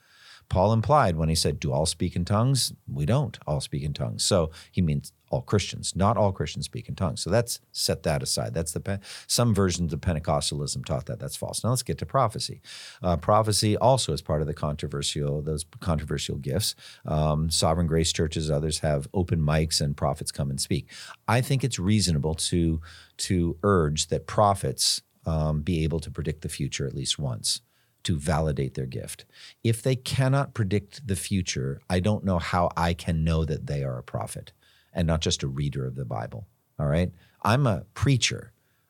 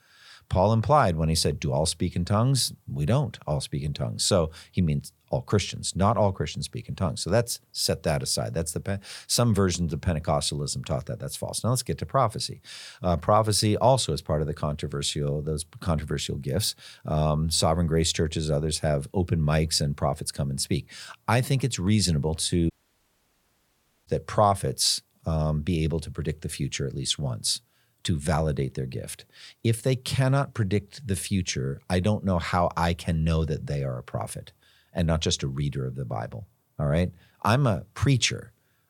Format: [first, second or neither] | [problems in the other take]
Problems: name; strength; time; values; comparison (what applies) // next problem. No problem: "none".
first | audio cutting out; at 23 s for 1.5 s